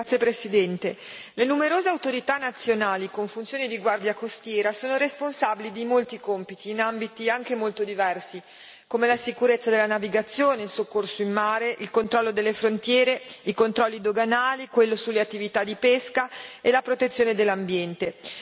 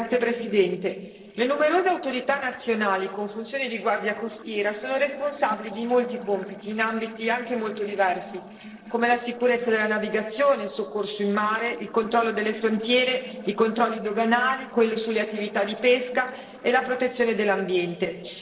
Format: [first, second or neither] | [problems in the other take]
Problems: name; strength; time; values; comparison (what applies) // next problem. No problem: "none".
first | noise reduction (neural separator model SepFormer DNS4)